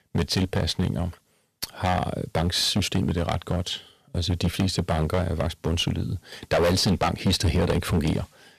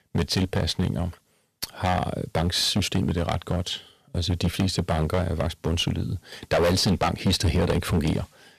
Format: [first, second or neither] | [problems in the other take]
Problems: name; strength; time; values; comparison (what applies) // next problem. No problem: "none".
neither | distortion; heavy; 10% of the sound clipped; the same in both